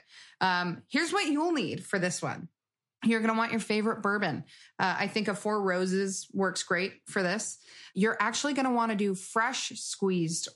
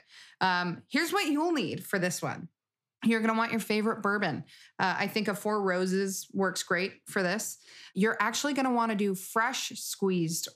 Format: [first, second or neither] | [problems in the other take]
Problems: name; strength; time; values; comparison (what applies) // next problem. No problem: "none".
second | garbled, watery; slightly; nothing above 11 kHz